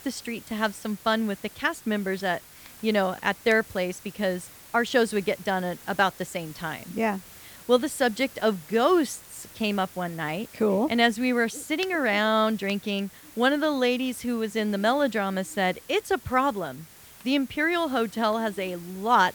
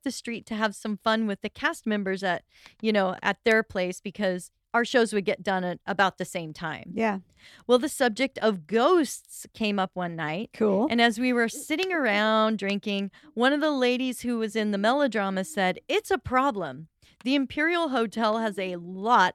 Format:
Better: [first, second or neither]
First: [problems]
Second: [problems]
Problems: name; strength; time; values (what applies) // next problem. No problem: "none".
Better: second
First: hiss; noticeable; throughout; 20 dB below the speech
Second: none